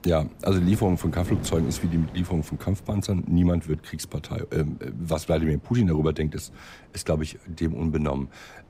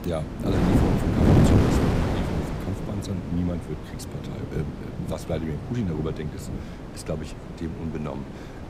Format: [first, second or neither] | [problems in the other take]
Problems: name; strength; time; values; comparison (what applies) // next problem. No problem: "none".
first | wind noise on the microphone; heavy; 5 dB above the speech; occasional gusts in the first